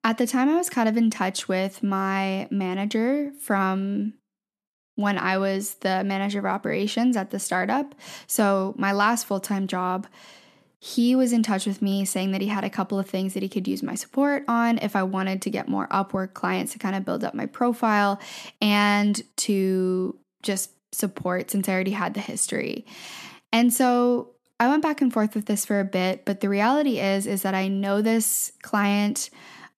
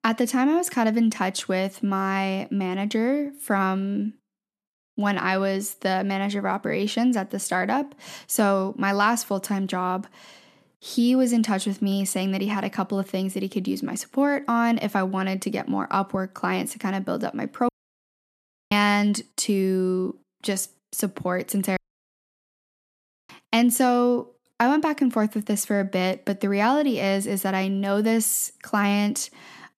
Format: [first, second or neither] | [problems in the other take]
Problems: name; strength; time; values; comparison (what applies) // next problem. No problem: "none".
first | audio cutting out; at 18 s for 1 s and at 22 s for 1.5 s